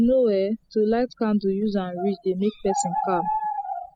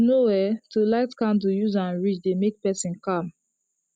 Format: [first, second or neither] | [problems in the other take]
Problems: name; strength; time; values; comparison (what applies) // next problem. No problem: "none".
second | noise reduction (classical method spectral subtraction)